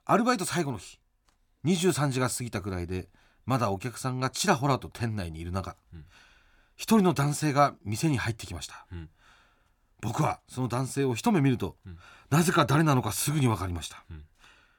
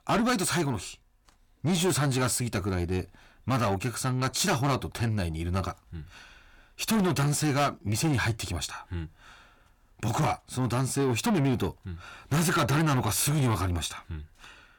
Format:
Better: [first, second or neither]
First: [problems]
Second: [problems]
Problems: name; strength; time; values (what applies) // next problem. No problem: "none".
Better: first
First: none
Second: distortion; heavy; 6 dB below the speech